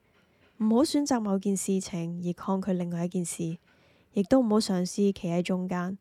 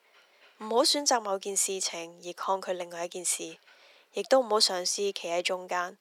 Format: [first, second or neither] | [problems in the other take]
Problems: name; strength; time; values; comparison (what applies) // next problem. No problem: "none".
first | thin; very; fading below 500 Hz